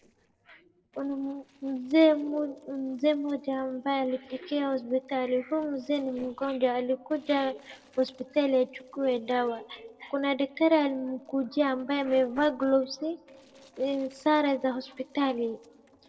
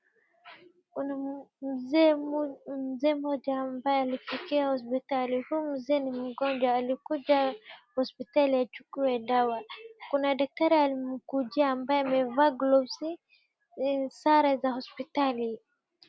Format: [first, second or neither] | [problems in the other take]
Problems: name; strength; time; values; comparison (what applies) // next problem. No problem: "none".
second | noise reduction (neural separator model SepFormer DNS4)